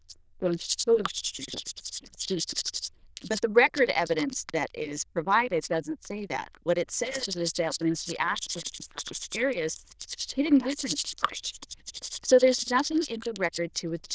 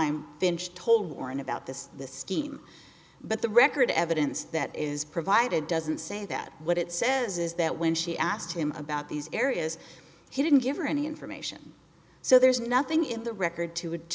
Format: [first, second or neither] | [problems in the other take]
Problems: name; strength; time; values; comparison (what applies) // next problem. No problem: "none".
second | noise reduction (neural diffusion model UNIVERSE++)